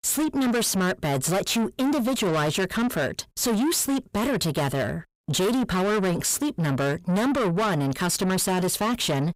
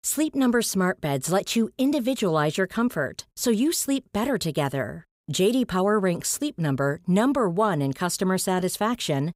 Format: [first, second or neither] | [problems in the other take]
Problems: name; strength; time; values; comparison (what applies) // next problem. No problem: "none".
second | distortion; heavy; 7 dB below the speech